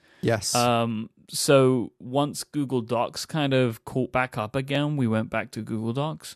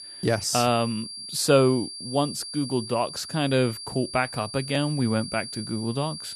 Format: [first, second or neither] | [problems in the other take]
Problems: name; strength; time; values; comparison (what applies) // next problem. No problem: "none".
first | high-pitched whine; loud; throughout; 4.5 kHz, 10 dB below the speech